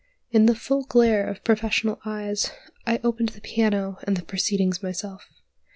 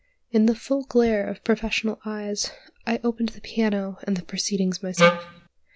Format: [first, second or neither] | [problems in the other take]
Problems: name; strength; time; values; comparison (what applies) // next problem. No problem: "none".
first | background sound (Wind instrument, woodwind instrument); 5 dB above the speech